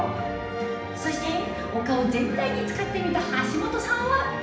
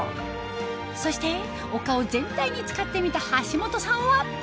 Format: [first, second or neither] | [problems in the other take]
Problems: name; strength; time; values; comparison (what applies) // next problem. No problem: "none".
second | background sound (Brass instrument); 20 dB below the speech // room echo; dies away in 0.8 s